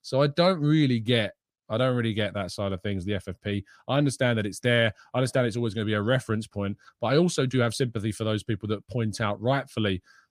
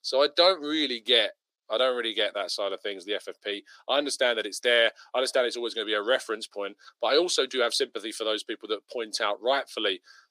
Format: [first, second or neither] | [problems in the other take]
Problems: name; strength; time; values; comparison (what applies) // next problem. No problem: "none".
first | thin; very; fading below 350 Hz